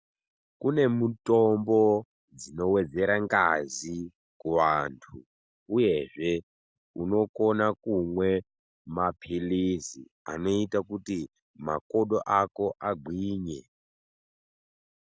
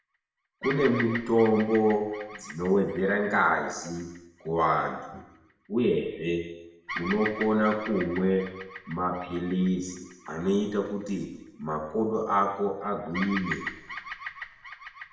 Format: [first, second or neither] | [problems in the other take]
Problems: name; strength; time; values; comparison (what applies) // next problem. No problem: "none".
first | background sound (Bird vocalization, bird call, bird song); 13 dB below the speech // room echo; dies away in 1 s